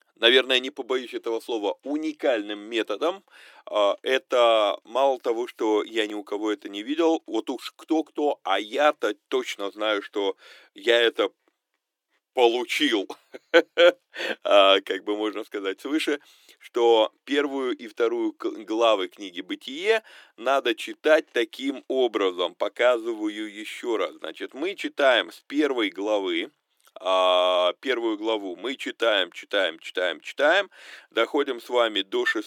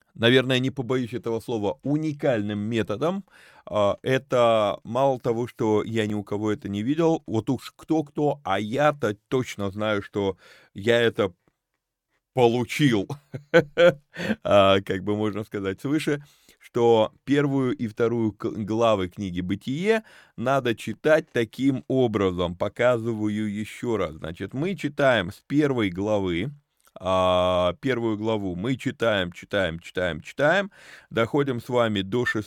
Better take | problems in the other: second | thin; somewhat; fading below 300 Hz

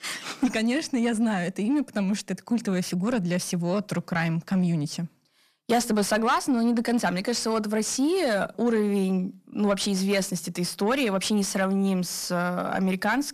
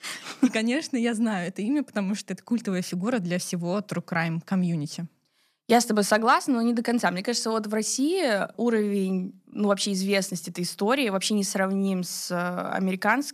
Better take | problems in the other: second | distortion; slight; 10 dB below the speech

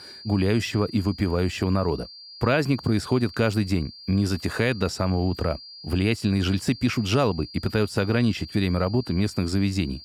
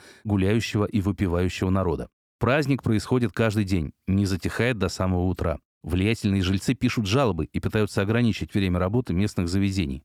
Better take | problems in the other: second | high-pitched whine; noticeable; throughout; 4.5 kHz, 15 dB below the speech

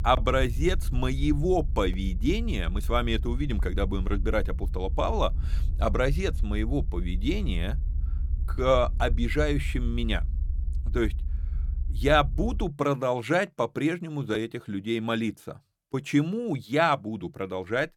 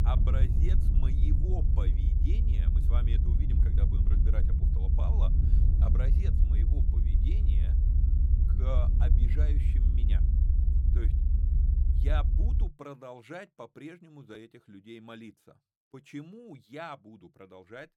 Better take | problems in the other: first | low rumble; loud; until 13 s; 1 dB below the speech; faint in the first

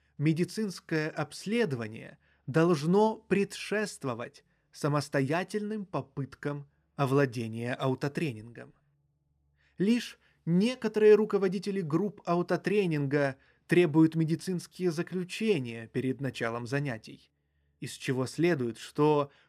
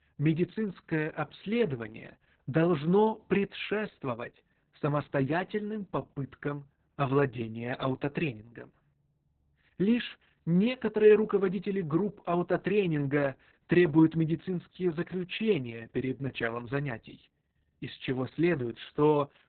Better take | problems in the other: first | garbled, watery; badly; nothing above 4 kHz

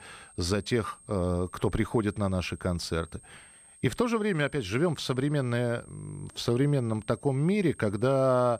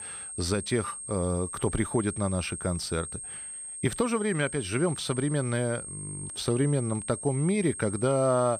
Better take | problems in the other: first | high-pitched whine; loud; throughout; 8.5 kHz, 8 dB below the speech; faint in the first

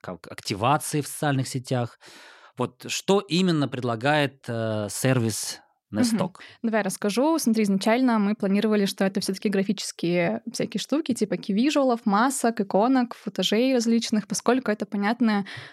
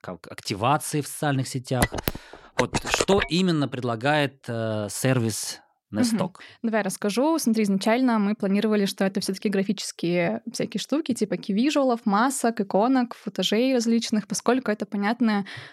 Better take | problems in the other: first | phone ringing; noticeable; from 2 to 3.5 s; peak level with the speech

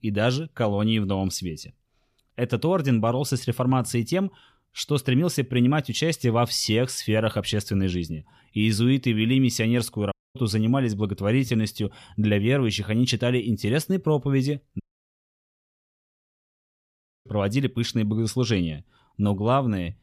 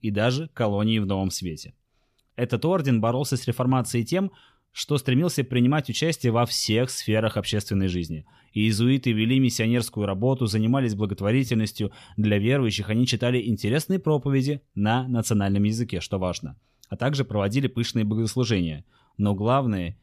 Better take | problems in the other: second | audio cutting out; at 10 s and at 15 s for 2.5 s

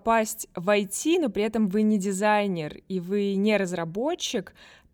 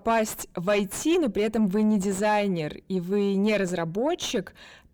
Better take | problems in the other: first | distortion; slight; 10 dB below the speech

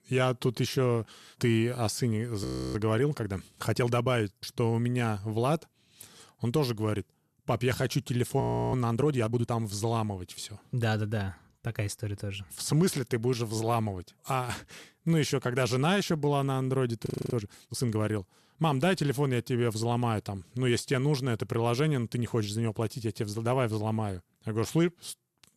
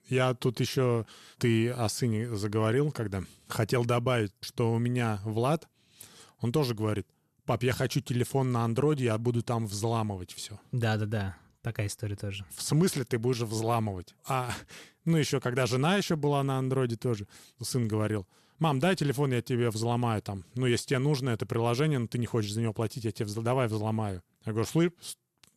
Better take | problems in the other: second | audio freezing; at 2.5 s, at 8.5 s and at 17 s

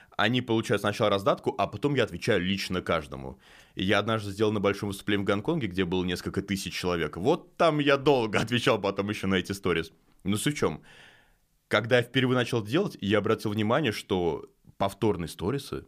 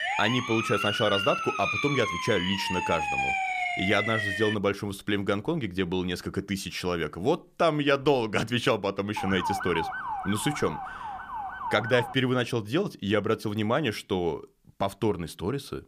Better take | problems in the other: first | siren; loud; until 4.5 s; peak 2 dB above the speech // siren; noticeable; from 9 to 12 s; peak 3 dB below the speech

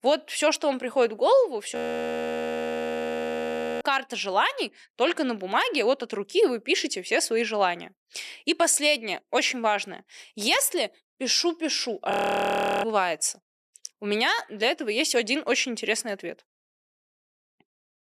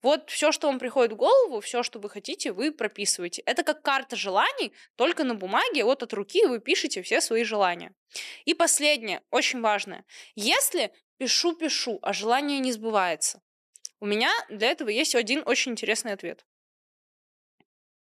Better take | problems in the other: second | audio freezing; at 2 s for 2 s and at 12 s for 0.5 s

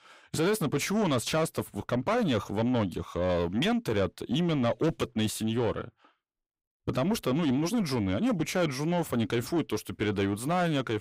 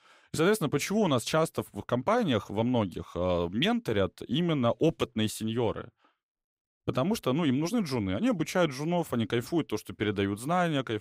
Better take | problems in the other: second | distortion; slight; 10 dB below the speech

